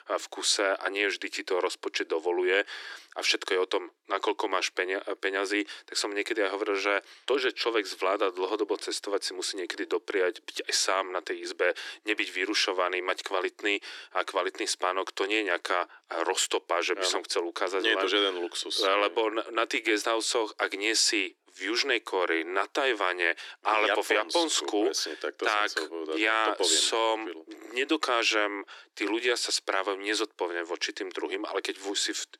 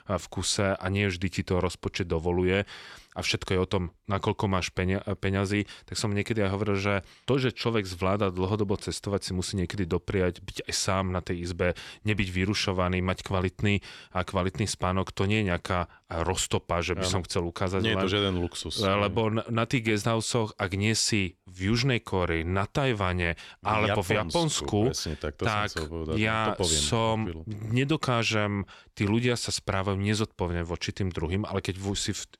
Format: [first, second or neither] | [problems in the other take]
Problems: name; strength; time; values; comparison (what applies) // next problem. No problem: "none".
second | thin; very; fading below 300 Hz